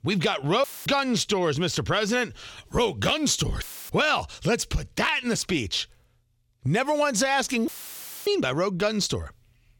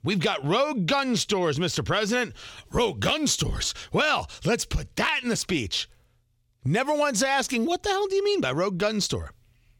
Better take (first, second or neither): second